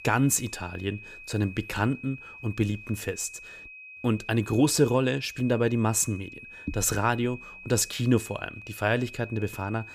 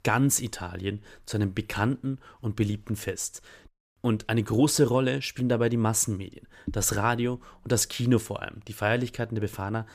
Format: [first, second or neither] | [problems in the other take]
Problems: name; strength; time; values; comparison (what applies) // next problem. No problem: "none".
second | high-pitched whine; noticeable; throughout; 2.5 kHz, 15 dB below the speech